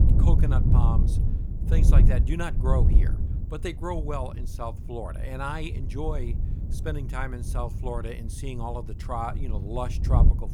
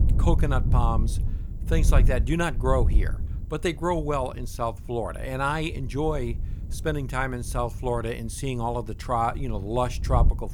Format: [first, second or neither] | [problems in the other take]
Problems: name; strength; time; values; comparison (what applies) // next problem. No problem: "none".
second | wind noise on the microphone; heavy; 6 dB below the speech; occasional gusts in the second